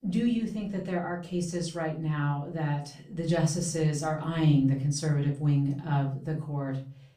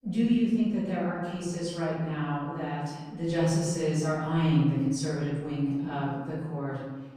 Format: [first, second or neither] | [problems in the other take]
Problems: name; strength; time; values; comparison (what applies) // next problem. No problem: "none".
first | room echo; strong; dies away in 1.4 s; slight in the first // off-mic speech; far; far in the first